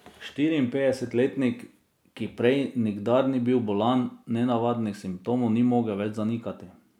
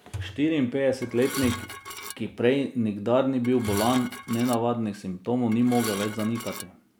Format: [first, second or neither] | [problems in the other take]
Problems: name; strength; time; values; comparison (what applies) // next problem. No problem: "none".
first | background sound (Dishes, pots, and pans / Glass + Thump, thud); 11 dB below the speech